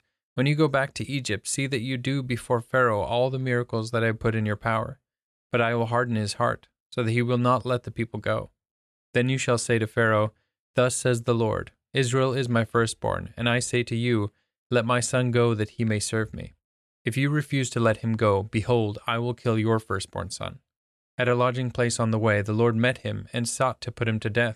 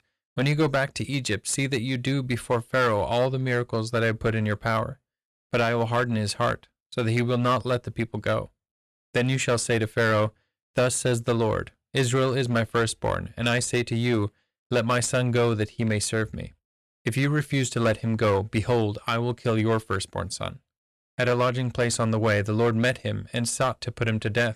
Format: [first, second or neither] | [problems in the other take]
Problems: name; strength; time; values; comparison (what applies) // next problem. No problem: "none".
first | distortion; slight; 10% of the sound clipped